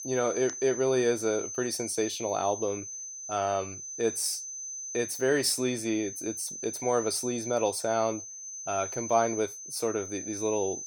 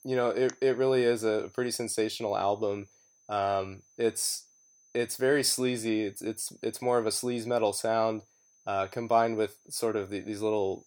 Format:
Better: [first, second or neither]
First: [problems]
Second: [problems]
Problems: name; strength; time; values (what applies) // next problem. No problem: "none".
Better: second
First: high-pitched whine; loud; throughout; 6 kHz, 7 dB below the speech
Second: high-pitched whine; faint; throughout; 6 kHz, 30 dB below the speech